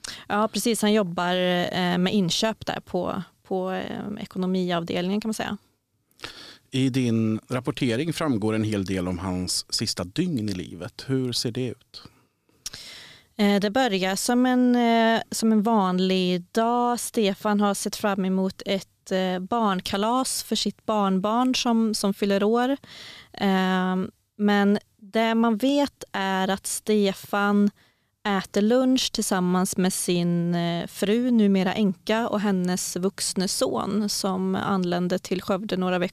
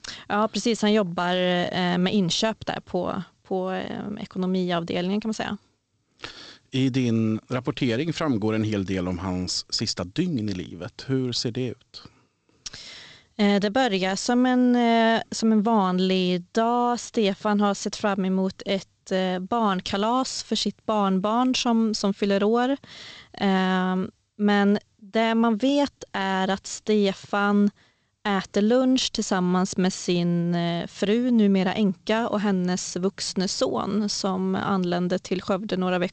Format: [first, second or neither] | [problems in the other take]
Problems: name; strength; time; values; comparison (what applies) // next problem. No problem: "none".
first | garbled, watery; slightly; nothing above 8 kHz